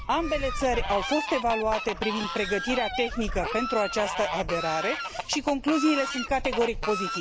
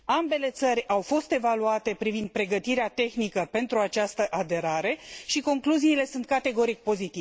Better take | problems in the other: second | background sound (Fowl); 5 dB below the speech

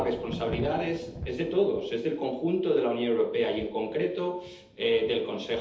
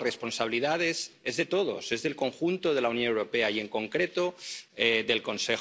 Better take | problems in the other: second | background sound (Thunder); 15 dB below the speech // room echo; dies away in 0.8 s

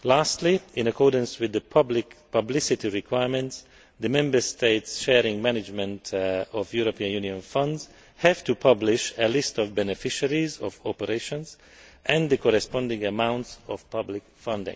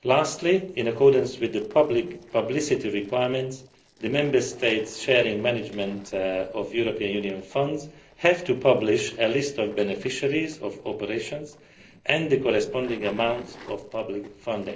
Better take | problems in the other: first | noise reduction (neural separator model SepFormer DNS4)

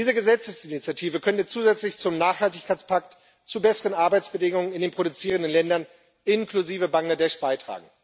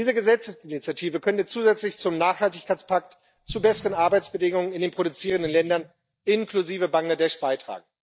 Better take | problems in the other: first | noise reduction (neural mask model DeepFilterNet 3)

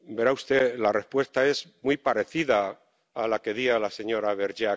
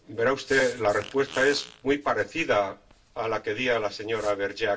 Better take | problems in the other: first | background sound (Fart); 20 dB below the speech // room echo; dies away in 0.2 s

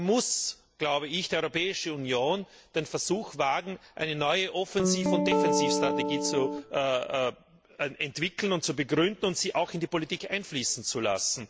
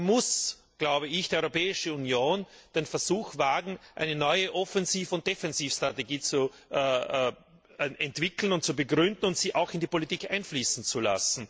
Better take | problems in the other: second | background sound (Guitar); 2 dB above the speech

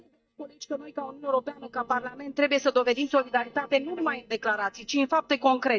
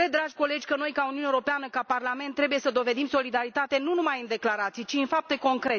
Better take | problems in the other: second | noise reduction (neural mask model DeepFilterNet 3)

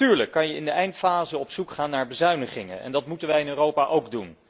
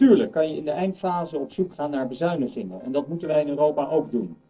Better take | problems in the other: first | noise reduction (neural separator model SepFormer DNS4)

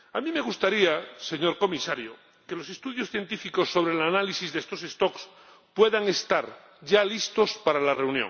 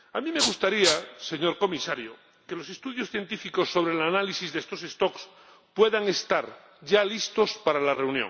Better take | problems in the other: first | background sound (Rattle (instrument)); as loud as the speech

